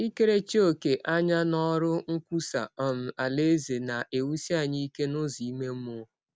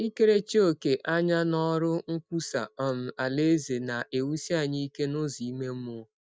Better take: first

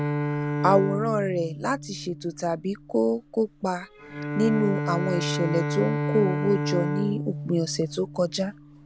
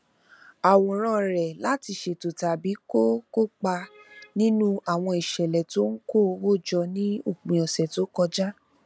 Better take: second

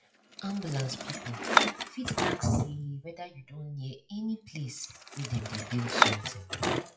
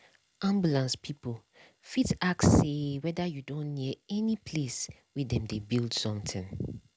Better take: second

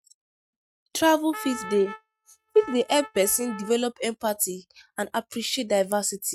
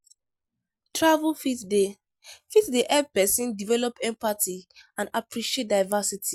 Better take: second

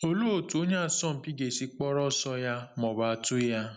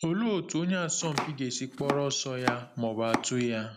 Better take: first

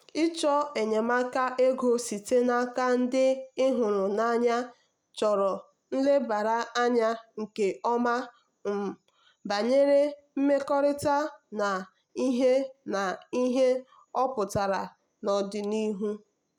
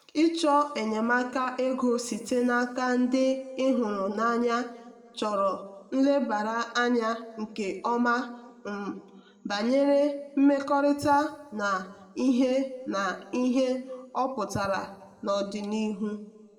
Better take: first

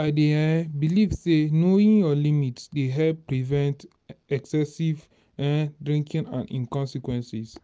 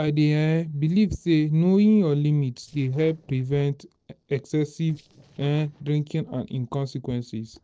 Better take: first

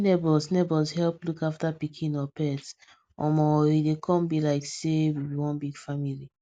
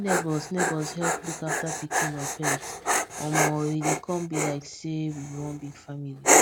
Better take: first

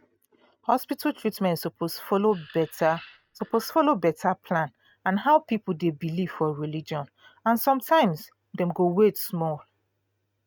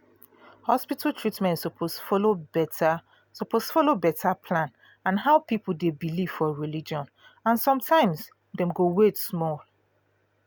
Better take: second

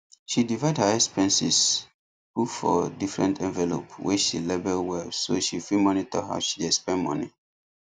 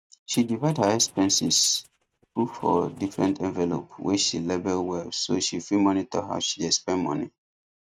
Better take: first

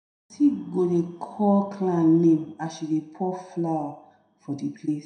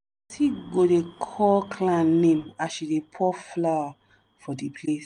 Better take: second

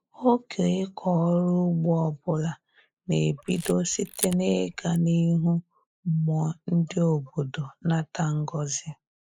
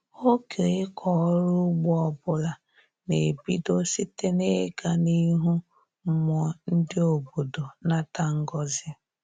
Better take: second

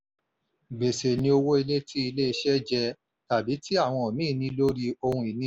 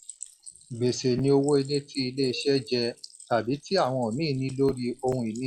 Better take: first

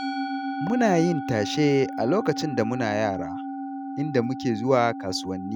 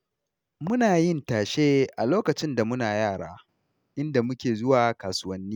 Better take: second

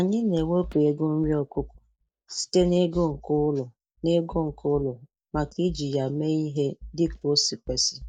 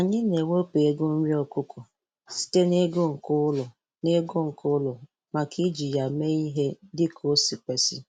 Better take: second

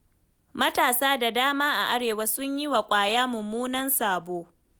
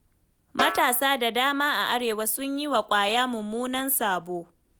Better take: first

